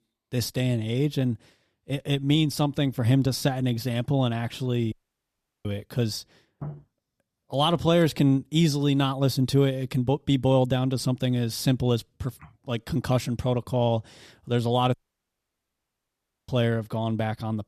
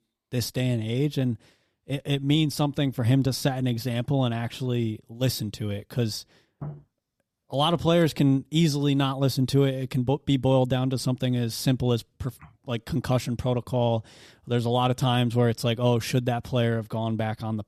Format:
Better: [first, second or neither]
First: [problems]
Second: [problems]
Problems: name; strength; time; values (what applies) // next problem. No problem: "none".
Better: second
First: audio cutting out; at 5 s for 0.5 s and at 15 s for 1.5 s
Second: none